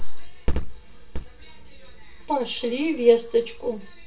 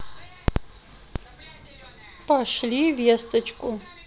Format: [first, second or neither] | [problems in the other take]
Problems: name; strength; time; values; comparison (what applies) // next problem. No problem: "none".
second | room echo; dies away in 0.2 s